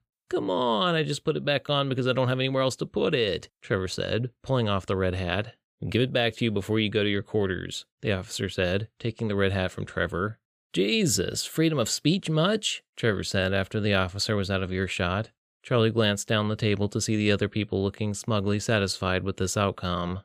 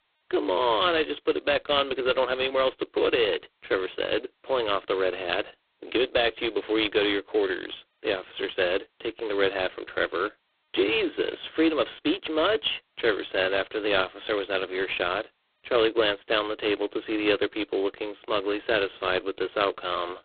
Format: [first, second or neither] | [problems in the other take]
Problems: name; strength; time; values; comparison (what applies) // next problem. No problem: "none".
first | phone-call audio; poor line; nothing above 3.5 kHz